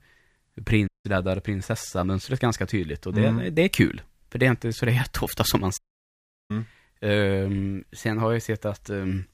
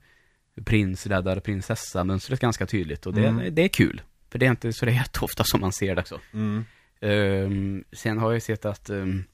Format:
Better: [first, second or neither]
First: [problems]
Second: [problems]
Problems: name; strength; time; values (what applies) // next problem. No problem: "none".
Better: second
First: audio cutting out; at 1 s and at 6 s for 0.5 s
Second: none